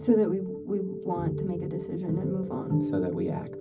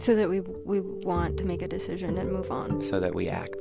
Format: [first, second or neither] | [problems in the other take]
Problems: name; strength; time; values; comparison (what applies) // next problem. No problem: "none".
second | room echo; dies away in 0.4 s